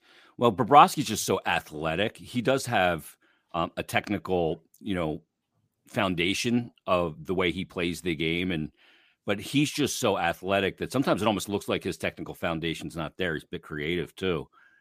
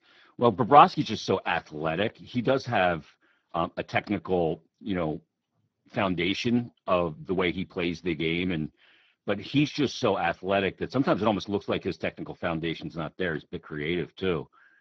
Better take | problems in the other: first | garbled, watery; badly

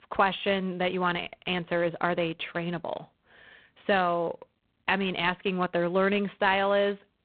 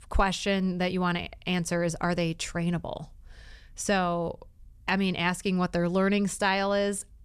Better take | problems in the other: second | phone-call audio; poor line

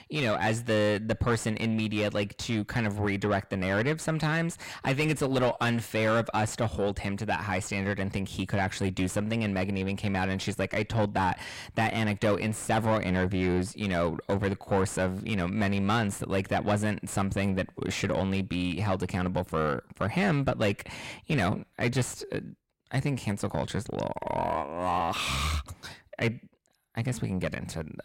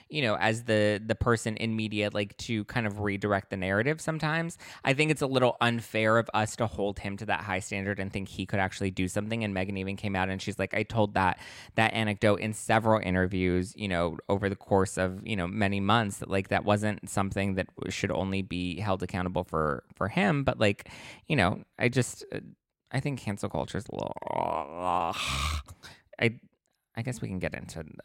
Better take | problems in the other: second | distortion; heavy; 7 dB below the speech

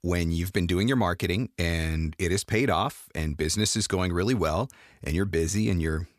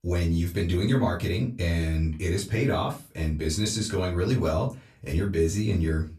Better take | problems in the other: first | off-mic speech; far // room echo; very slight; dies away in 0.2 s

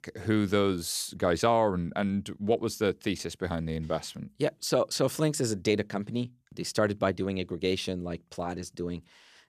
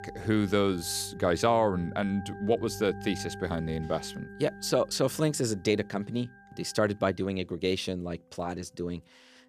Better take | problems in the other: first | background music; noticeable; throughout; 15 dB below the speech

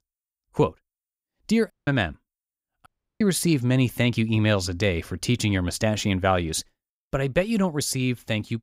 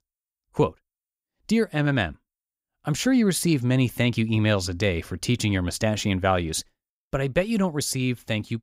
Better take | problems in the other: second | audio cutting out; at 1.5 s and at 3 s

